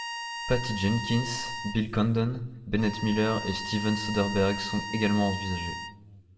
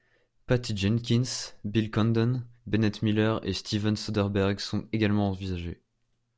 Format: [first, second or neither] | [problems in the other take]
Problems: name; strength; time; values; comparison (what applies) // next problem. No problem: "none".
second | background sound (Bowed string instrument); 9 dB below the speech // room echo; dies away in 1.2 s